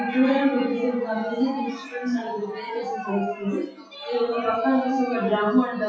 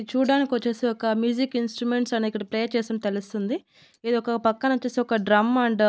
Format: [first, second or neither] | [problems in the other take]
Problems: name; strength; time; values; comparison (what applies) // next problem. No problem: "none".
second | noise reduction (classical method WPE with log-MMSE)